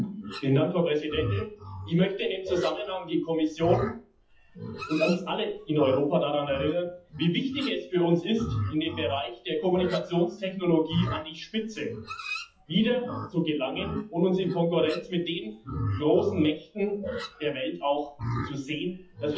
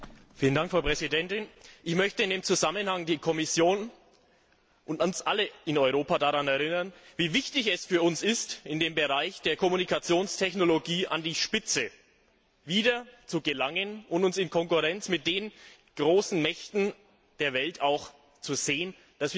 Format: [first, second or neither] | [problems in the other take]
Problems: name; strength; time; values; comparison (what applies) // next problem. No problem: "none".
second | noise reduction (classical method WPE with log-MMSE)